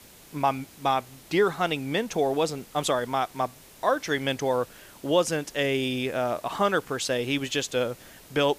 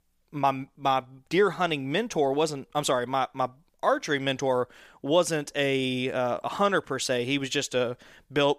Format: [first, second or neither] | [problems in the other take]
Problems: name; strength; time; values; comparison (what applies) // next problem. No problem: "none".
second | hiss; faint; throughout; 20 dB below the speech